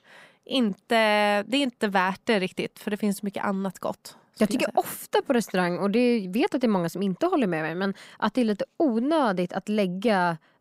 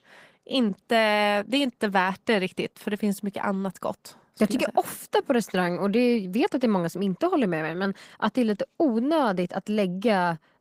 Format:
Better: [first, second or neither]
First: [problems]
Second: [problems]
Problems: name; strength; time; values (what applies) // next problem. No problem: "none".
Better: first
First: none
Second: garbled, watery; slightly; nothing above 15.5 kHz